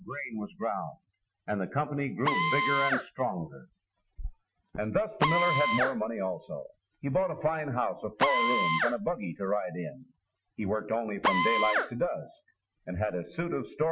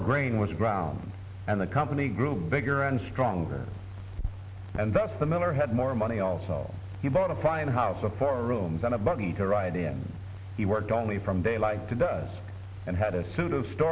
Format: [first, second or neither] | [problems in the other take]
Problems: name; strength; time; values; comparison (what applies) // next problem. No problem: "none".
second | noise reduction (classical method Wiener filter)